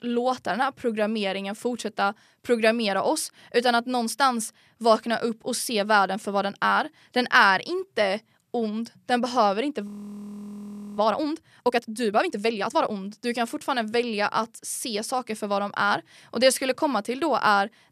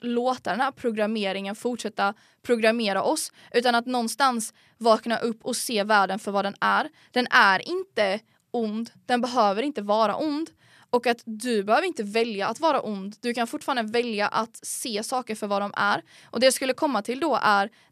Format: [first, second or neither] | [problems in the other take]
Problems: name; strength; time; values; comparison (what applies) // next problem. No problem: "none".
second | audio freezing; at 10 s for 1 s